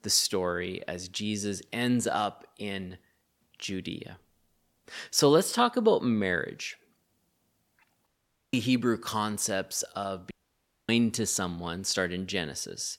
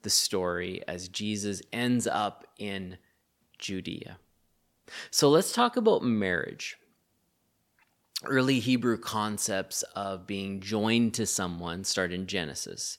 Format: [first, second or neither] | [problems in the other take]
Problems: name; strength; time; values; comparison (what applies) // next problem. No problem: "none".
second | audio cutting out; at 8 s and at 10 s for 0.5 s